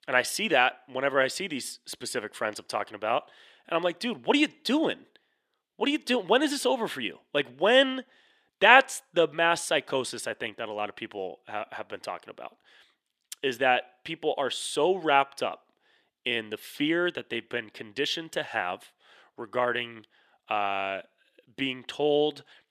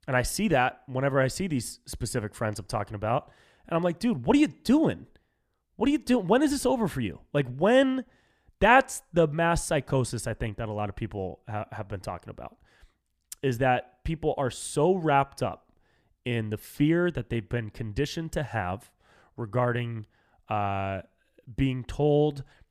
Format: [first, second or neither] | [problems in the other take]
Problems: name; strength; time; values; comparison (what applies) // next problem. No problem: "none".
second | thin; somewhat; fading below 350 Hz